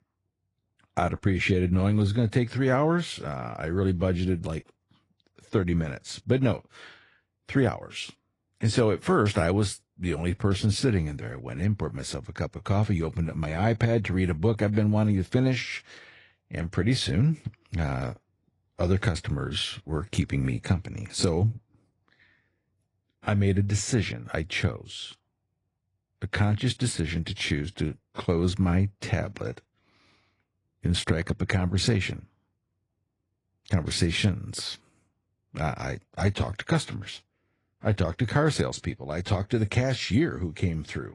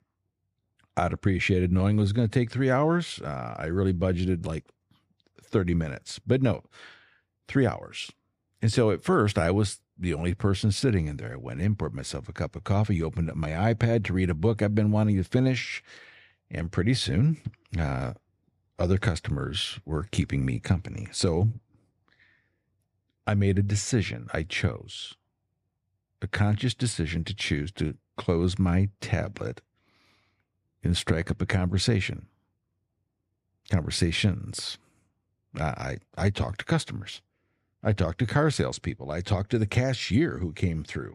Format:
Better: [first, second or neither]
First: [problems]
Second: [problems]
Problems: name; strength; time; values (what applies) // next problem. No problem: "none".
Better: second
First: garbled, watery; slightly; nothing above 10 kHz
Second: none